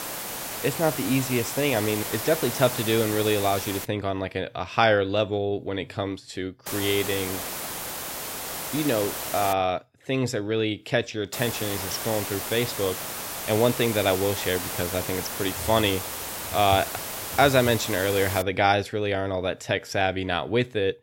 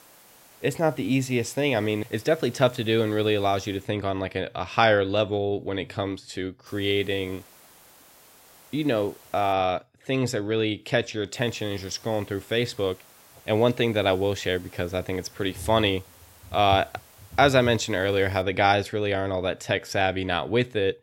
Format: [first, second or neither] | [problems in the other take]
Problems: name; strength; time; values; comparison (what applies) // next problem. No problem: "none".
second | hiss; loud; until 4 s, from 6.5 to 9.5 s and from 11 to 18 s; 5 dB below the speech; faint in the second